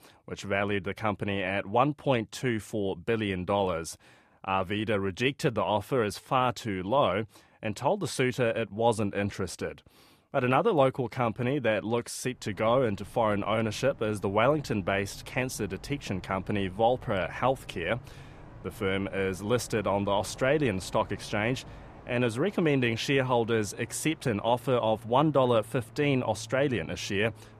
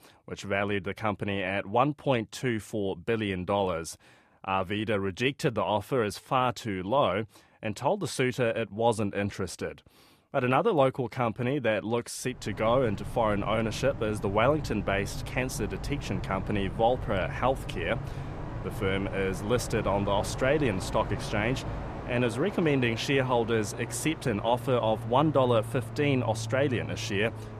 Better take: first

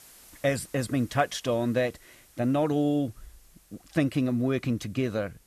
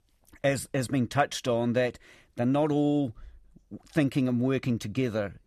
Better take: second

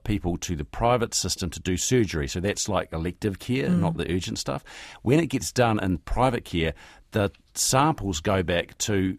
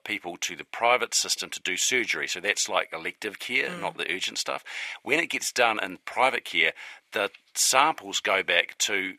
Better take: first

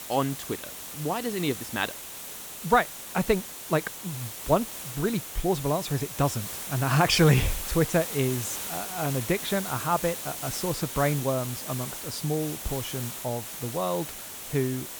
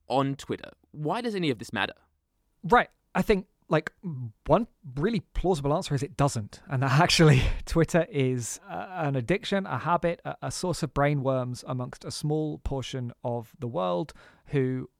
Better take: second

